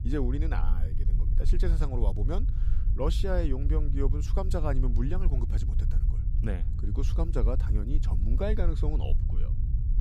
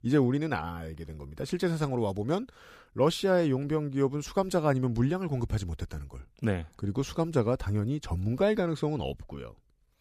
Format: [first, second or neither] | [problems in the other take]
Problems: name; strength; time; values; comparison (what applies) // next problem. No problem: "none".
second | low rumble; noticeable; throughout; 10 dB below the speech